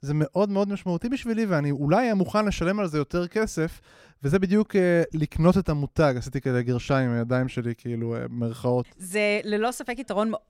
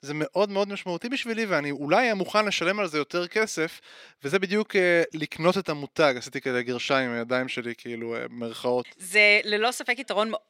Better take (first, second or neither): first